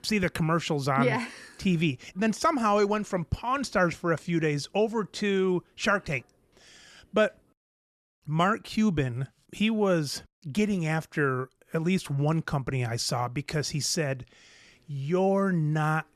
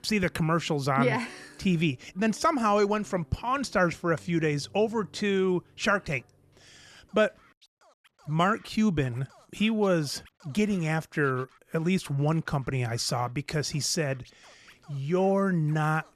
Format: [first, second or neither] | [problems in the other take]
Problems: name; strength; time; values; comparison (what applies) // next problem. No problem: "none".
first | background music; faint; throughout; 30 dB below the speech